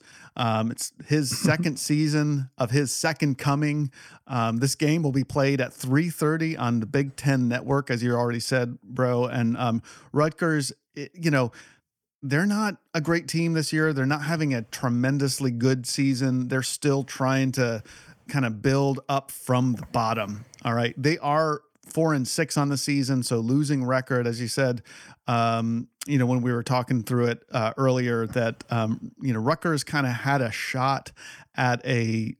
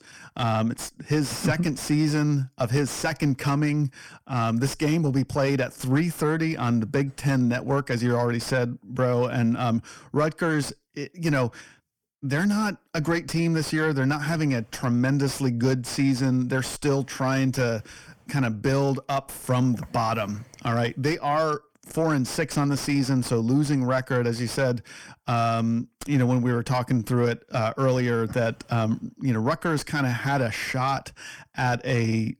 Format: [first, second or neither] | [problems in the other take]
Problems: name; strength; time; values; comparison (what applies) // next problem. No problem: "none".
first | distortion; slight; 10 dB below the speech